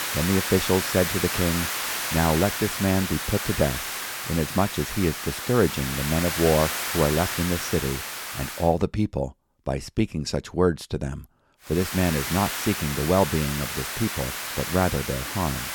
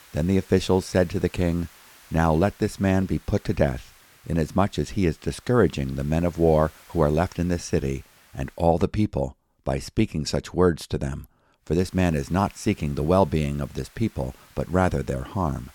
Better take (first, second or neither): second